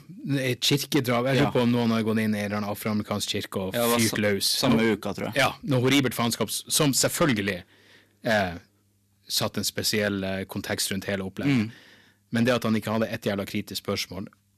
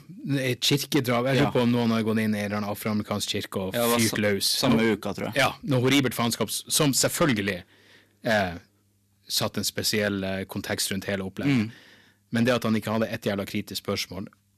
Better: neither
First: distortion; slight; 3% of the sound clipped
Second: distortion; slight; 3% of the sound clipped

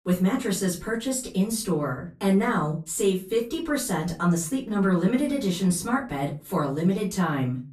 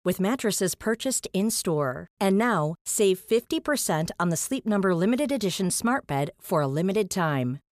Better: second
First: off-mic speech; far // room echo; very slight; dies away in 0.3 s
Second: none

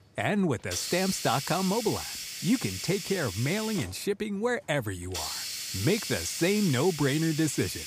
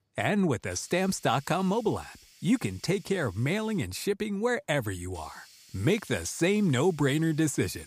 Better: second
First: hiss; loud; throughout; 5 dB below the speech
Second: hiss; faint; throughout; 25 dB below the speech

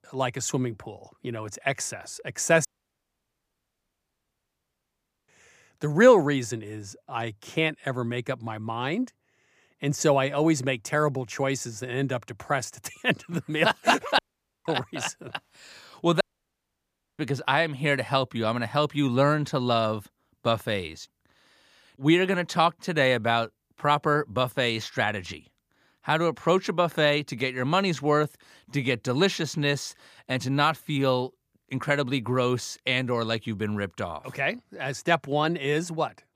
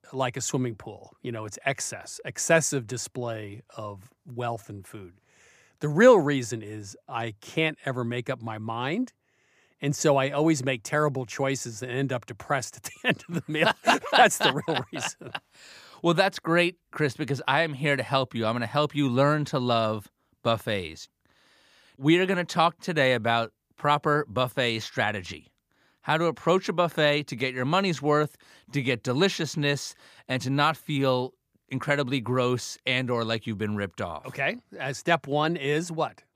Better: second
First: audio cutting out; at 2.5 s for 2.5 s, at 14 s and at 16 s for 1 s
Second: none

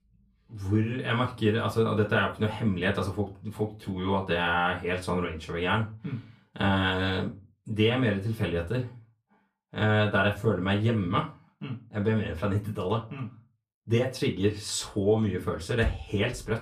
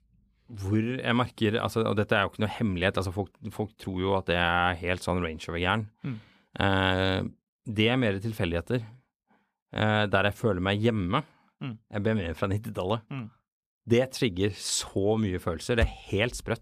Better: second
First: off-mic speech; far // room echo; very slight; dies away in 0.2 s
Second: none

